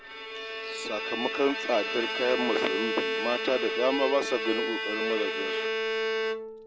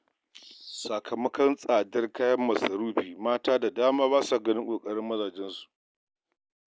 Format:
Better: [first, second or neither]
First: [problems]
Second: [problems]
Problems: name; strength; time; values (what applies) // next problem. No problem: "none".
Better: second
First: background sound (Bowed string instrument); as loud as the speech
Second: none